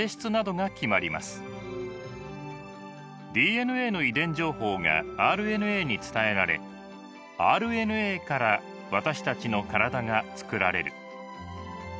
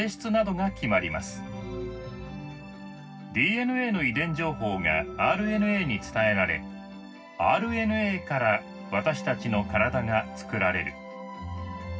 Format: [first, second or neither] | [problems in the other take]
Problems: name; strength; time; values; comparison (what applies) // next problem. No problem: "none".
first | room echo; dies away in 0.4 s